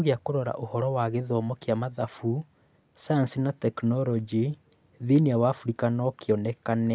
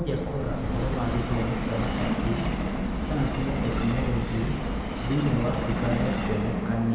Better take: first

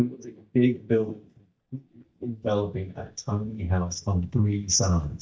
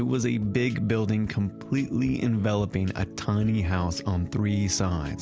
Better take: second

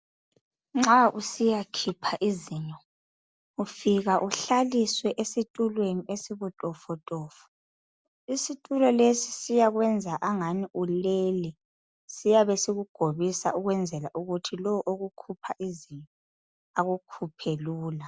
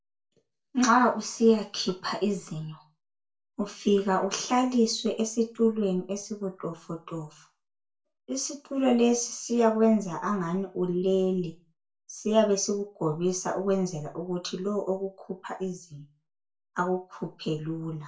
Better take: first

